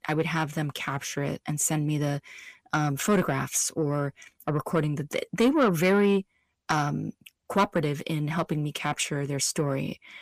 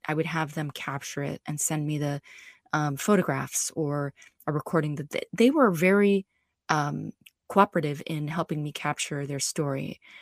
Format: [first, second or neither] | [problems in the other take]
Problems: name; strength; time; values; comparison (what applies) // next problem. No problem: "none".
second | distortion; slight; 10 dB below the speech